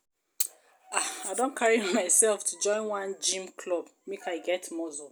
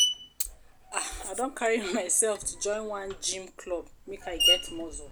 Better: first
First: none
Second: background sound (Screech); 1 dB below the speech

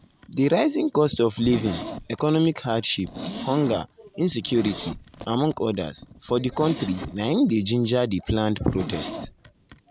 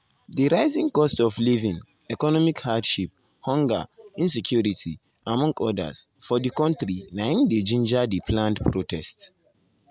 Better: second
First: background sound (Zipper (clothing)); 13 dB below the speech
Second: none

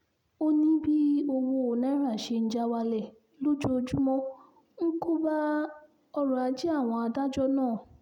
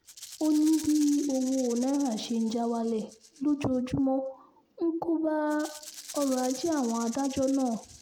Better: first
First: none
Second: background sound (Rattle (instrument)); 17 dB below the speech

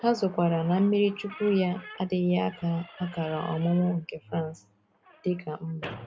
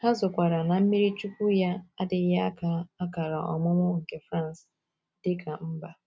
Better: second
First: background sound (Squeak / Slam); 19 dB below the speech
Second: none

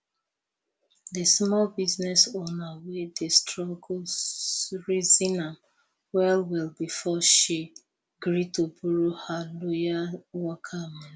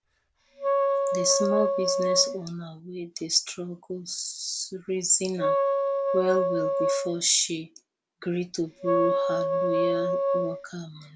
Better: first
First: none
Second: background sound (Wind instrument, woodwind instrument); 3 dB above the speech

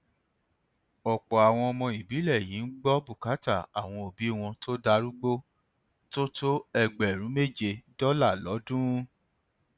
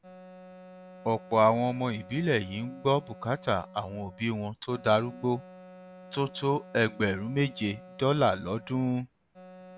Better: first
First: none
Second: background sound (Wind instrument, woodwind instrument); 20 dB below the speech

